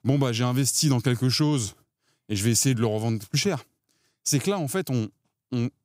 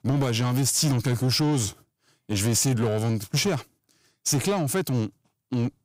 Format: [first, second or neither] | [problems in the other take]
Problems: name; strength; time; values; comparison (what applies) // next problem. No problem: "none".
first | distortion; slight; 10 dB below the speech